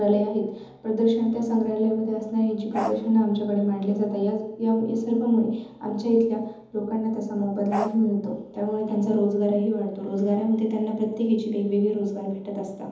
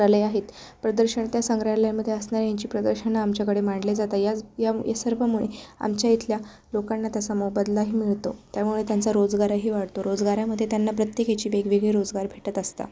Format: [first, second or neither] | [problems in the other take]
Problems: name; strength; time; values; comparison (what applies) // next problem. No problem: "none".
second | background sound (Bark); 7 dB below the speech // room echo; dies away in 1.3 s